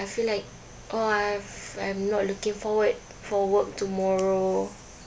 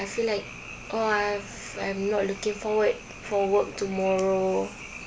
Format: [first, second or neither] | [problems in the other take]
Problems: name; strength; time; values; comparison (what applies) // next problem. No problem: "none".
first | background sound (Frog); 16 dB below the speech